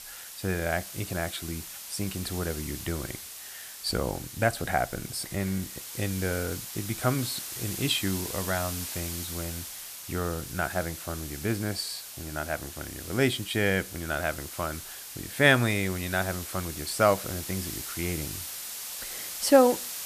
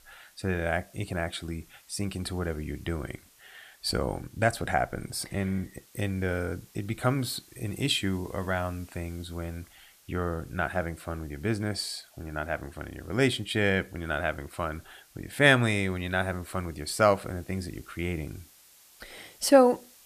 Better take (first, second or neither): second